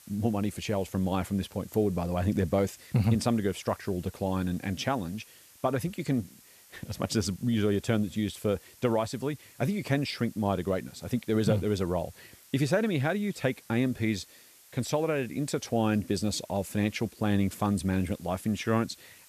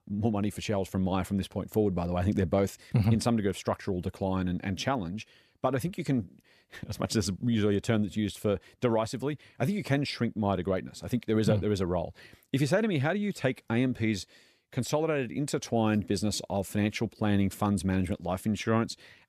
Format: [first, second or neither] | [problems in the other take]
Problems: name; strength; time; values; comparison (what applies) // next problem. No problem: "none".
second | hiss; faint; throughout; 25 dB below the speech